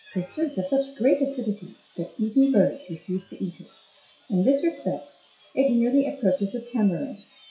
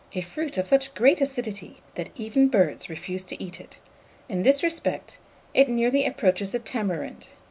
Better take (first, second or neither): second